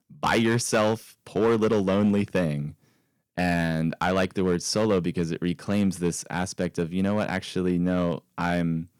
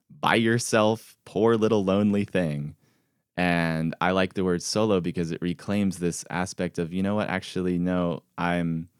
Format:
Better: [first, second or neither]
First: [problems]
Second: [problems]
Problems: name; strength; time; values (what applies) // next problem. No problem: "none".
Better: second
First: distortion; slight; 4% of the sound clipped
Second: none